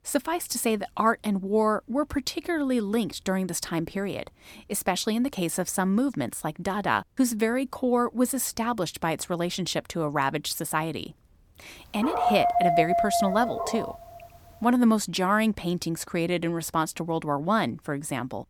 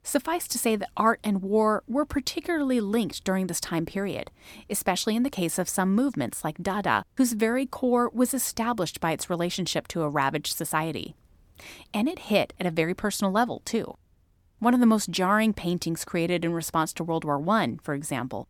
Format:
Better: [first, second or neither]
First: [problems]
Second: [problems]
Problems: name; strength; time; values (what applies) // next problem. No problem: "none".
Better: second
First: dog barking; loud; from 12 to 14 s; peak 4 dB above the speech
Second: none